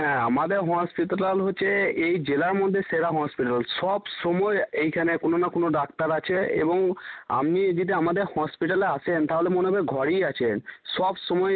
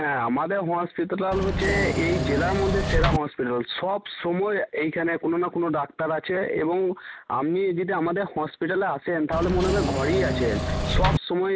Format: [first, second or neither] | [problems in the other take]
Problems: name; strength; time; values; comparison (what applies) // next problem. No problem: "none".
first | background sound (Engine / Mechanisms); 1 dB above the speech